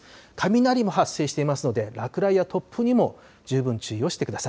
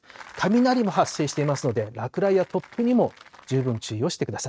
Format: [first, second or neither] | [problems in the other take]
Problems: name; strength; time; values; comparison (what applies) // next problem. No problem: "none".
first | noise reduction (neural mask model RNNoise)